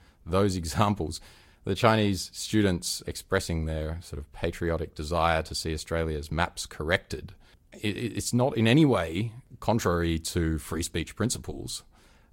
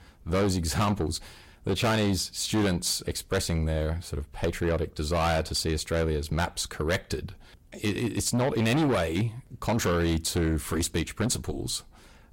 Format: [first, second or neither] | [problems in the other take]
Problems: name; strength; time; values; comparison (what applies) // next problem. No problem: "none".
first | distortion; heavy; 6 dB below the speech